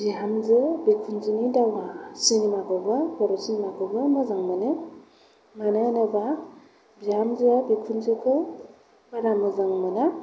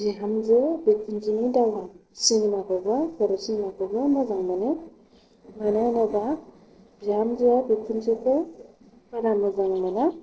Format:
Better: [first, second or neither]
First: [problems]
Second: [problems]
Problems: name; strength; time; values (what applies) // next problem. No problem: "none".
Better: first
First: none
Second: noise reduction (neural separator model SepFormer DNS4)